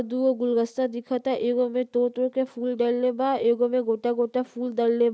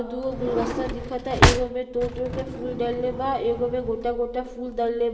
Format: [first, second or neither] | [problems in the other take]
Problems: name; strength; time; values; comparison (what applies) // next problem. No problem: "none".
first | background sound (Drawer open or close); 1 dB below the speech // room echo; dies away in 1.6 s